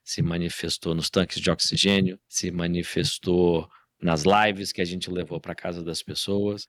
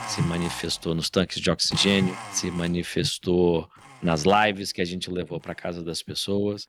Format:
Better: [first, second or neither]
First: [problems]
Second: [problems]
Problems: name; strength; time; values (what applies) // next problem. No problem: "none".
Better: first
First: none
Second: household noises; noticeable; throughout; 15 dB below the speech